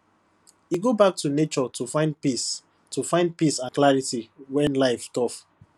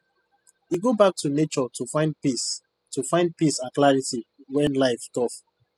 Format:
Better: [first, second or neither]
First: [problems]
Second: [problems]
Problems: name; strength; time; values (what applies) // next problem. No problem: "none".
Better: first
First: none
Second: noise reduction (classical method spectral subtraction)